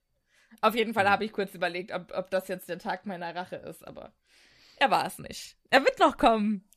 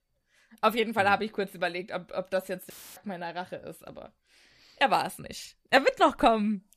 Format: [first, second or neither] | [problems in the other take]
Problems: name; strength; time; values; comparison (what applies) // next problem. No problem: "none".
first | audio cutting out; filled with static; at 2.5 s